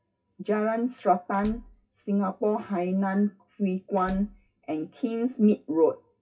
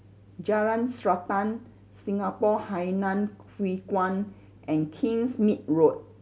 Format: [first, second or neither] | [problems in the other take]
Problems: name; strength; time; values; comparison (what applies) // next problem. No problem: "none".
second | noise reduction (classical method WPE with log-MMSE)